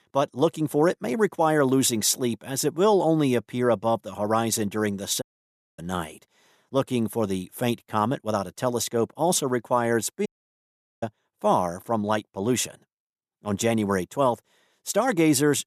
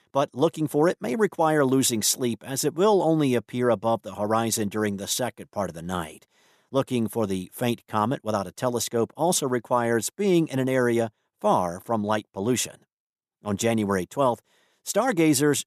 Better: second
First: audio cutting out; at 5 s for 0.5 s and at 10 s for 1 s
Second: none

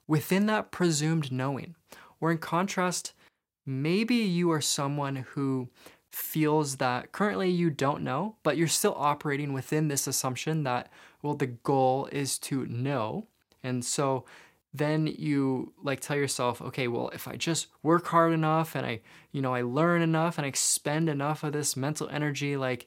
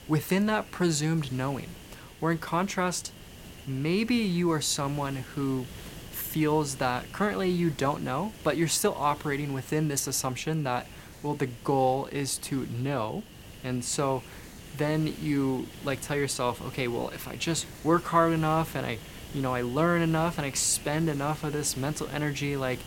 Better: first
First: none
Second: hiss; noticeable; throughout; 15 dB below the speech

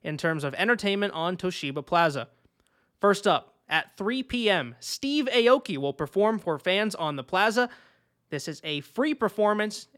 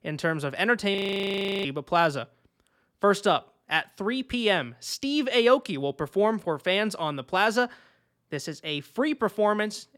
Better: first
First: none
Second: audio freezing; at 1 s for 0.5 s

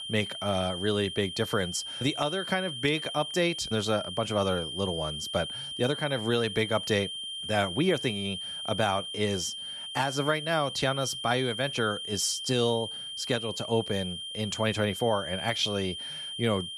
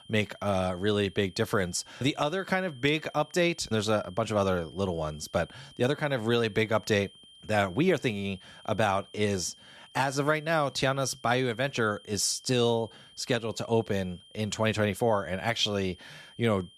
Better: second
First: high-pitched whine; loud; throughout; 3 kHz, 5 dB below the speech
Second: high-pitched whine; faint; throughout; 3 kHz, 25 dB below the speech

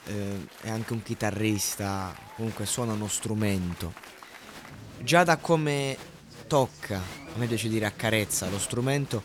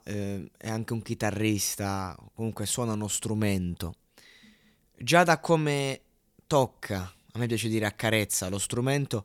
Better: second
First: crowd noise; noticeable; throughout; 15 dB below the speech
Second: none

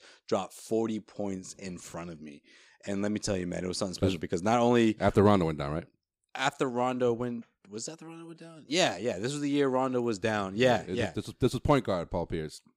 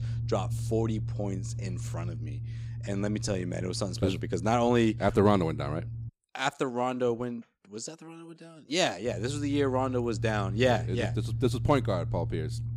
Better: first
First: none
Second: low rumble; noticeable; until 6 s and from 9 s on; 20 dB below the speech

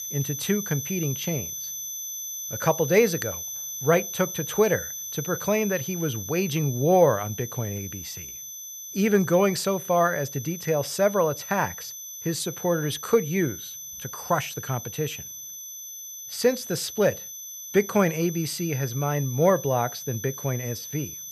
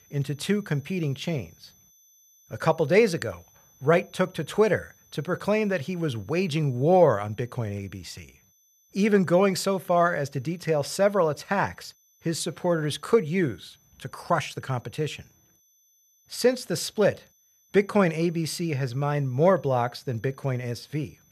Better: second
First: high-pitched whine; loud; throughout; 6 kHz, 8 dB below the speech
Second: high-pitched whine; faint; throughout; 6 kHz, 35 dB below the speech

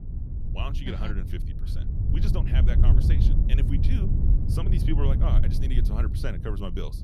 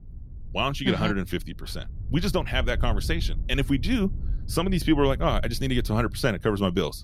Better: second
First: low rumble; loud; throughout; 2 dB below the speech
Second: low rumble; faint; throughout; 25 dB below the speech

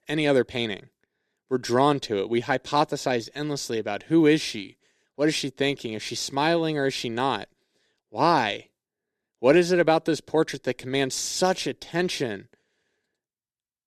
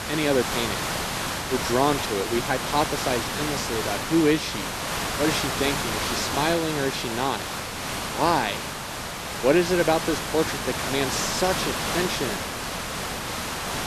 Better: first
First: none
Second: hiss; loud; throughout; 2 dB below the speech

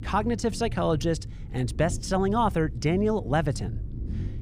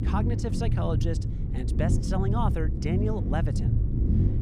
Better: first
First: low rumble; faint; throughout; 20 dB below the speech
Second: low rumble; loud; throughout; 4 dB below the speech

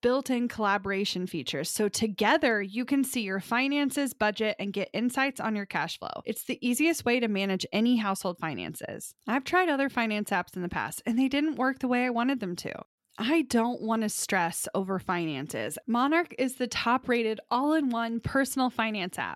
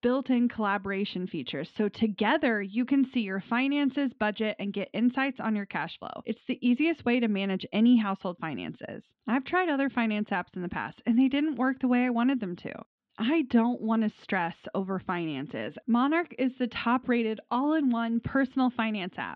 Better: first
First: none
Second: muffled; very; fading above 3.5 kHz

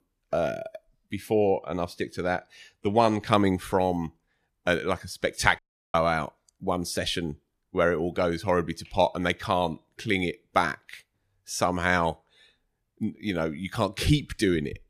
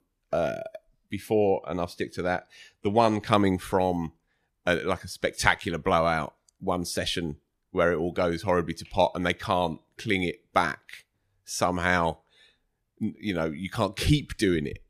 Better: second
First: audio cutting out; at 5.5 s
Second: none

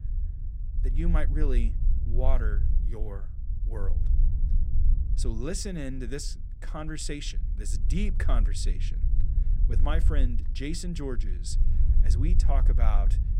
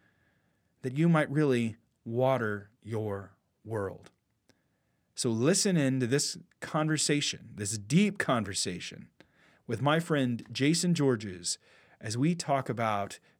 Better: second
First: low rumble; noticeable; throughout; 10 dB below the speech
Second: none

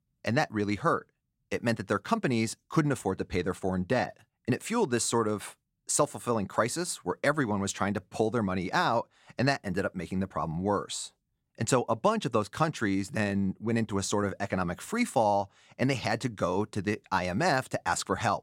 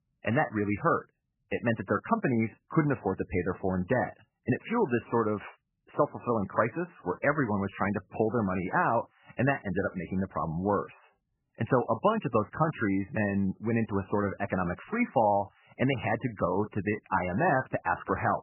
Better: first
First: none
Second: garbled, watery; badly; nothing above 3 kHz

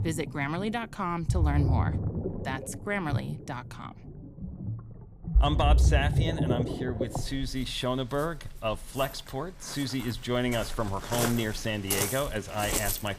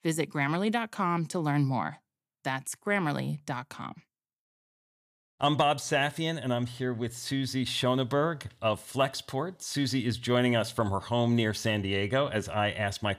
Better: second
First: rain or running water; very loud; throughout; 1 dB above the speech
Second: none

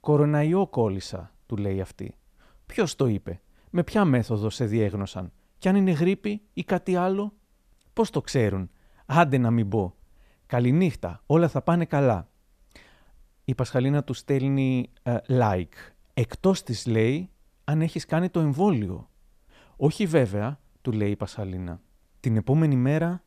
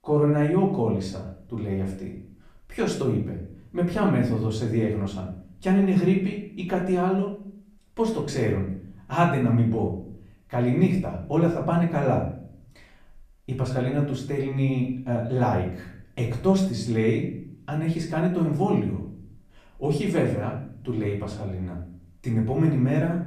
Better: first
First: none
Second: room echo; slight; dies away in 0.5 s // off-mic speech; far

